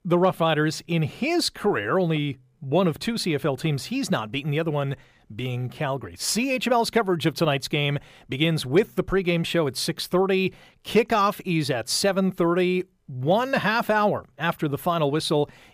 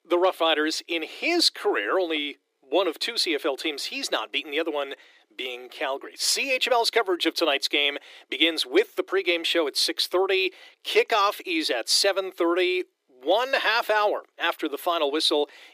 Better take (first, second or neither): first